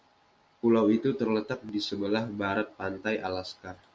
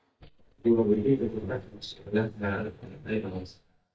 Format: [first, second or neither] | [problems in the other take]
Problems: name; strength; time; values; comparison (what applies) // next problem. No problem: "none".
first | noise reduction (neural mask model DeepFilterNet 3)